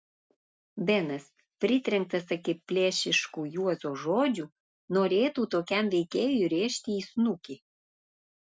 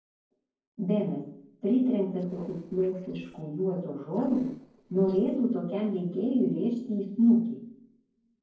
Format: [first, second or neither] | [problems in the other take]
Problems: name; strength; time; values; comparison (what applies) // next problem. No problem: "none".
first | noise reduction (neural separator model SepFormer DNS4)